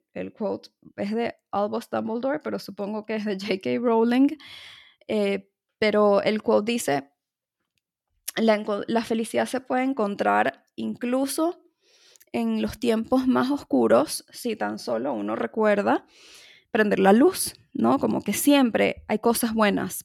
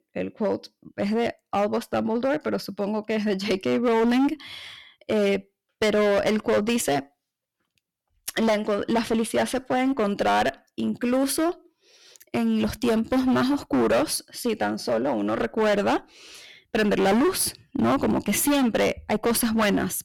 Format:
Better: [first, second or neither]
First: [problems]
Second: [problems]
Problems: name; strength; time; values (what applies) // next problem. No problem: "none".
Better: first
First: none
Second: distortion; heavy; 14% of the sound clipped